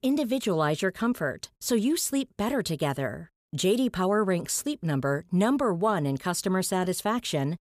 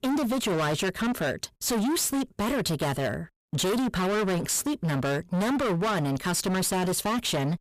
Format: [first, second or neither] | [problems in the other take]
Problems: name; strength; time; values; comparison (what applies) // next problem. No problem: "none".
first | distortion; heavy; 35% of the sound clipped